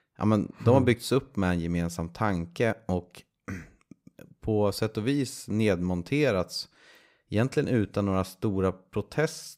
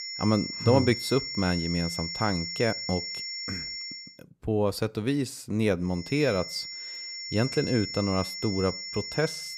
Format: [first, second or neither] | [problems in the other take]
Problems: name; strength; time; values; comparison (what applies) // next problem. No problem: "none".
first | high-pitched whine; loud; until 4 s and from 6 s on; 5.5 kHz, 6 dB below the speech